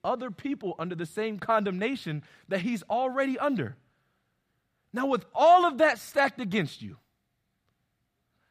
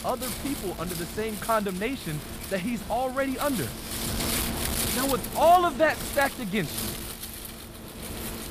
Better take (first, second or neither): first